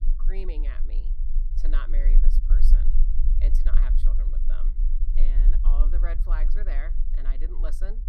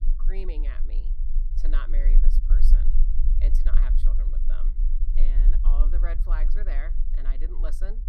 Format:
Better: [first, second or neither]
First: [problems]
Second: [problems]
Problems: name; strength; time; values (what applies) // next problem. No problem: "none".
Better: neither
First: low rumble; loud; throughout; 8 dB below the speech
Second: low rumble; loud; throughout; 8 dB below the speech